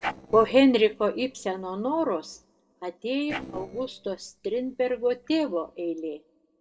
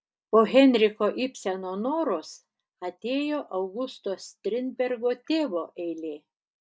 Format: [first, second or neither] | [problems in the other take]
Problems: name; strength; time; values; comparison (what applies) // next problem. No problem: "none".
second | noise reduction (neural separator model SepFormer DNS4)